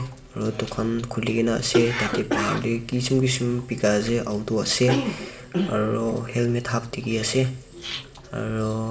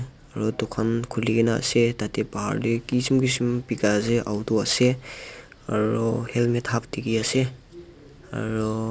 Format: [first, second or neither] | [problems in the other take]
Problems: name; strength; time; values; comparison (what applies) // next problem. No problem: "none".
second | background sound (Cough); 7 dB below the speech // room echo; dies away in 2.1 s